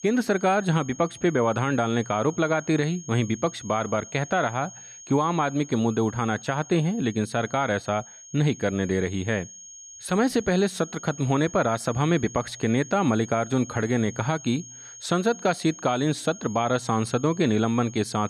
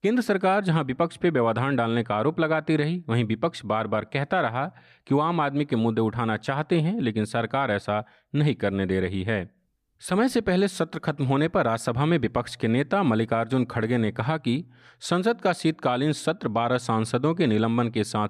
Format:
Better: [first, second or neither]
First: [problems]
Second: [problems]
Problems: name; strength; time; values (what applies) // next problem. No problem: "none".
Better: second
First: high-pitched whine; noticeable; throughout; 6.5 kHz, 15 dB below the speech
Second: none